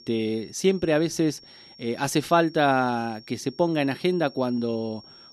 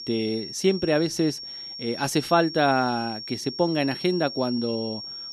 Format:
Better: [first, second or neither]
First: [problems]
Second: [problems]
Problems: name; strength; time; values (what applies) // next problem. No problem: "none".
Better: first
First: high-pitched whine; faint; throughout; 5.5 kHz, 20 dB below the speech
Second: high-pitched whine; loud; throughout; 5.5 kHz, 9 dB below the speech